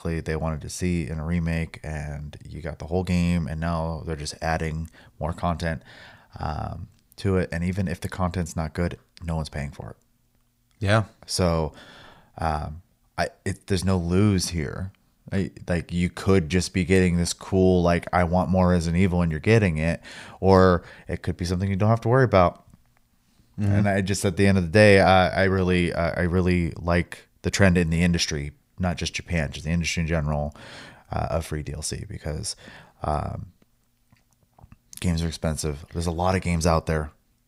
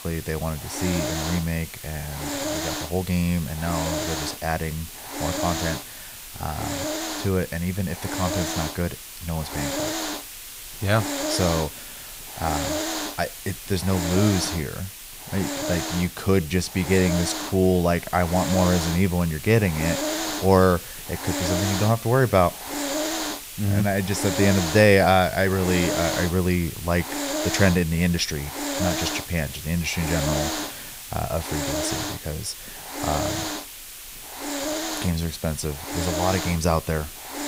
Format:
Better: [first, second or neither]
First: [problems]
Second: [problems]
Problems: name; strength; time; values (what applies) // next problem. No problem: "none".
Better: first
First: none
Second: hiss; loud; throughout; 5 dB below the speech